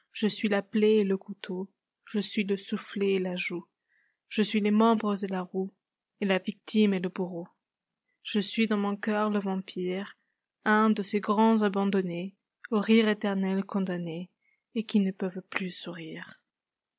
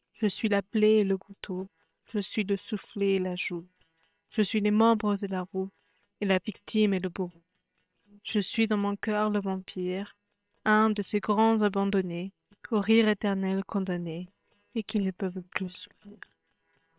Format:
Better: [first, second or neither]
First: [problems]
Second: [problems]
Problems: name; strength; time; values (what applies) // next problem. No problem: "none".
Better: first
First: none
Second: noise reduction (neural separator model SepFormer WHAM!)